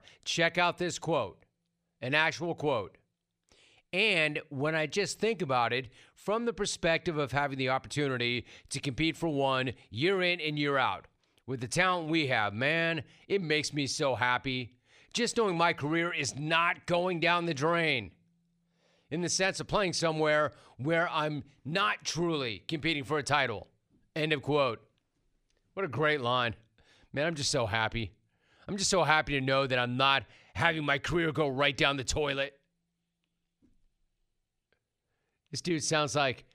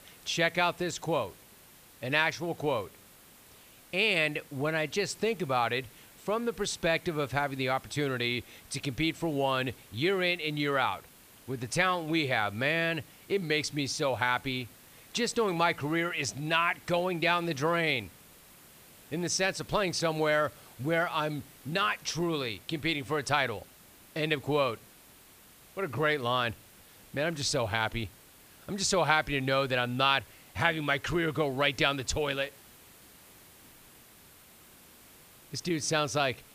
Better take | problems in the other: first | hiss; faint; throughout; 25 dB below the speech

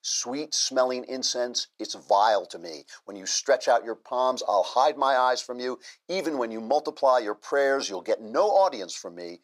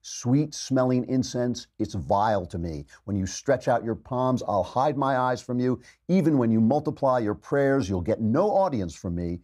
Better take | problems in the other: second | thin; very; fading below 450 Hz

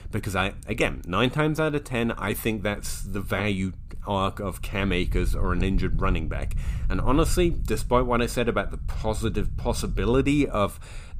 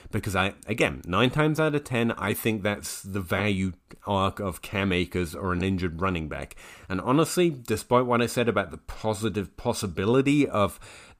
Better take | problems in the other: second | low rumble; faint; throughout; 25 dB below the speech

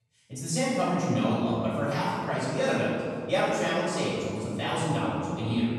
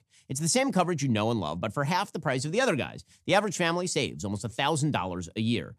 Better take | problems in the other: second | off-mic speech; far // room echo; strong; dies away in 2.3 s

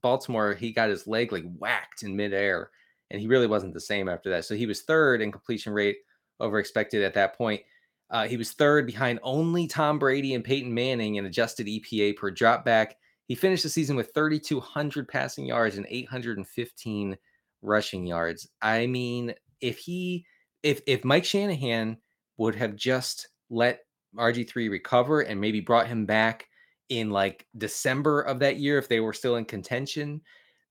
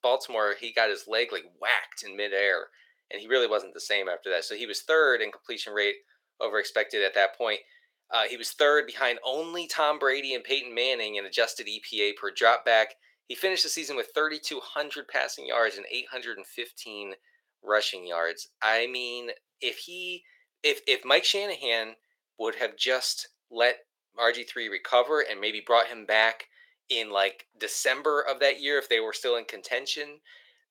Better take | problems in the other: first | thin; very; fading below 450 Hz

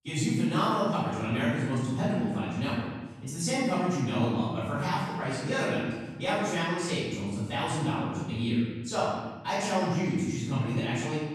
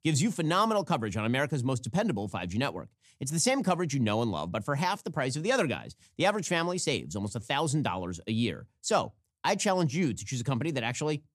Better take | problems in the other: second | off-mic speech; far // room echo; strong; dies away in 1.3 s

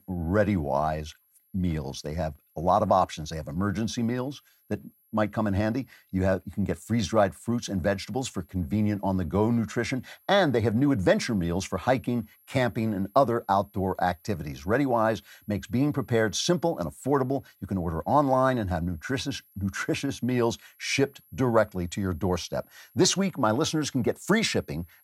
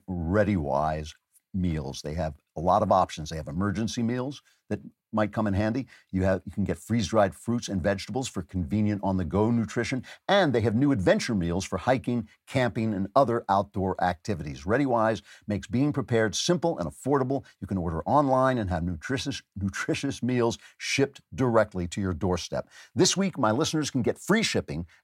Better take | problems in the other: second | high-pitched whine; faint; throughout; 11.5 kHz, 35 dB below the speech

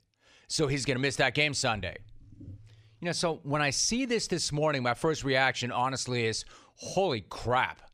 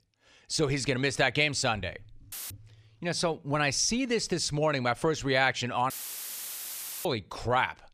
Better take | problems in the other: first | audio cutting out; filled with static; at 2.5 s and at 6 s for 1 s

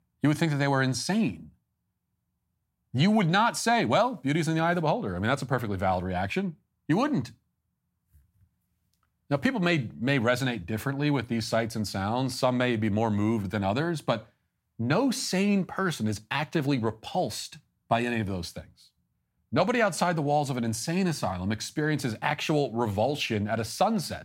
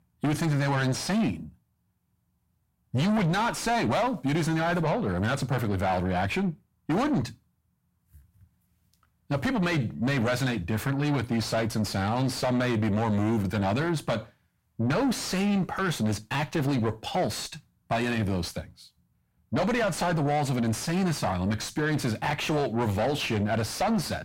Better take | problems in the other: first | distortion; heavy; 5 dB below the speech

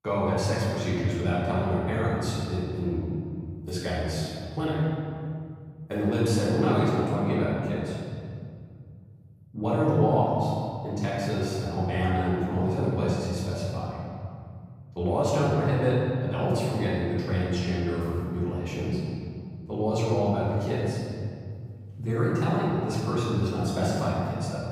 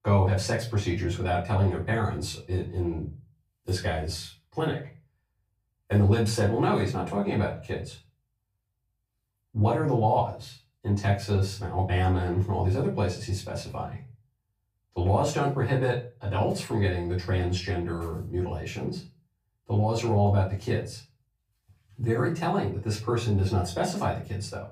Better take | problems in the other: second | room echo; strong; dies away in 2.6 s; slight in the second // off-mic speech; far; far in the second

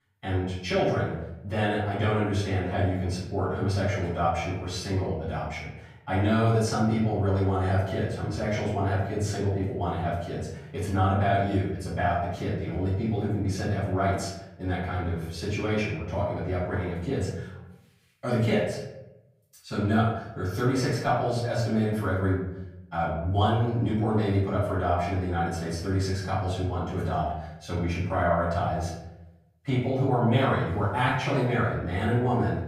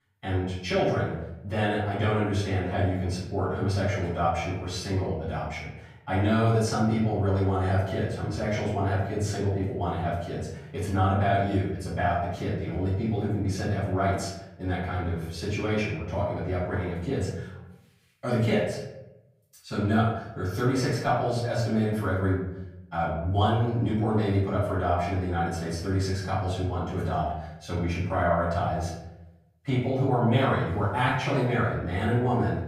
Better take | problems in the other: neither | off-mic speech; far; the same in both // room echo; noticeable; dies away in 0.8 s; the same in both

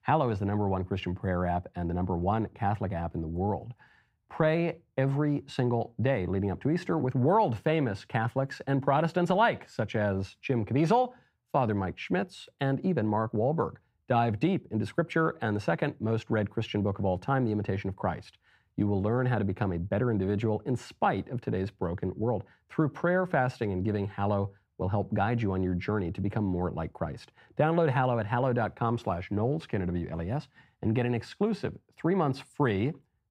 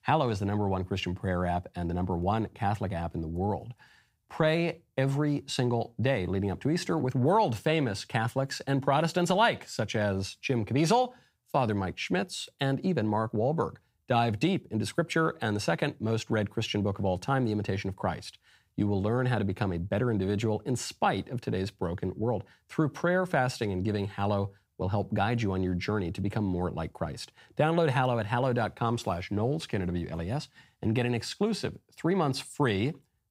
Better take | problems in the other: second | muffled; slightly; fading above 3 kHz

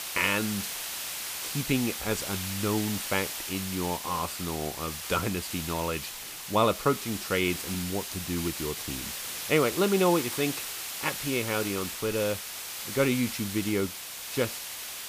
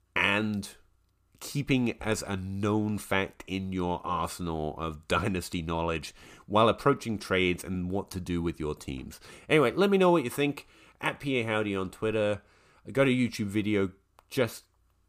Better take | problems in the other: second | hiss; loud; throughout; 4 dB below the speech

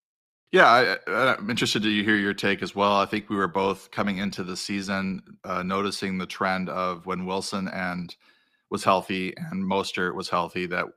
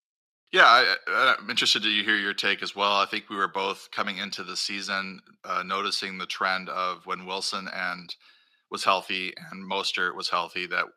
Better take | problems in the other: first | thin; somewhat; fading below 1 kHz

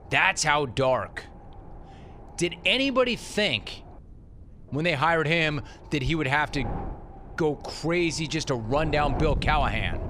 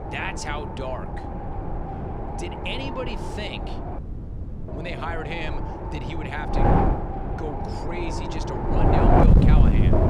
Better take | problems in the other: first | wind noise on the microphone; heavy; 4 dB above the speech; occasional gusts in the first

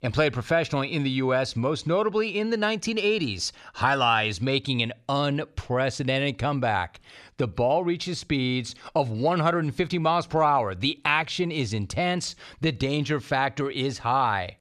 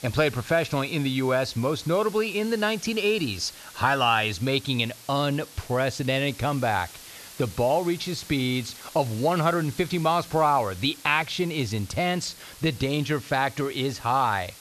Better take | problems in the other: first | hiss; noticeable; throughout; 20 dB below the speech

